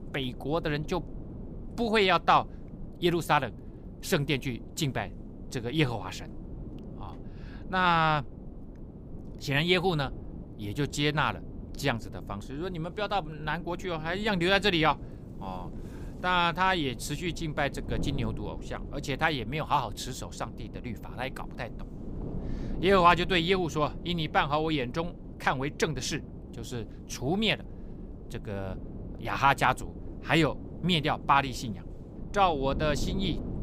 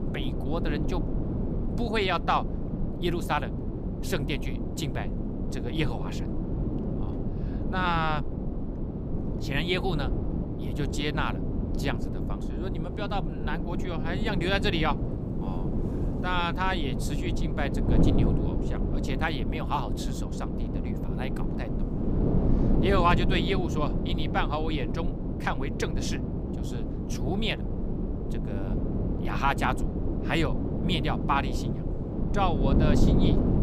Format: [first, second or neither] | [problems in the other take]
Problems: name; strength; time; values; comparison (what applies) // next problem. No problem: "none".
first | wind noise on the microphone; heavy; 7 dB below the speech; occasional gusts in the first